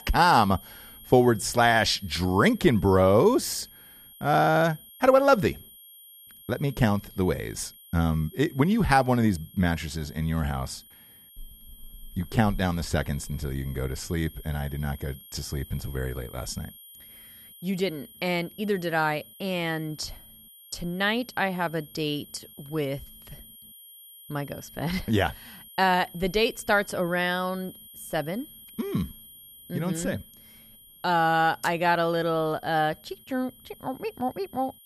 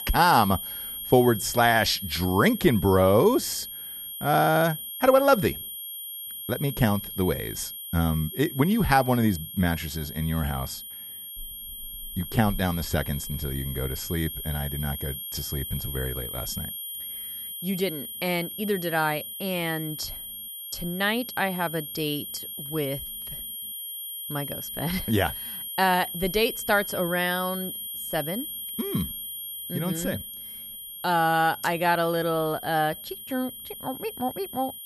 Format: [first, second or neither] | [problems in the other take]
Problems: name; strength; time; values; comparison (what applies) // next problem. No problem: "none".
first | high-pitched whine; loud; throughout; 11.5 kHz, 8 dB below the speech; faint in the first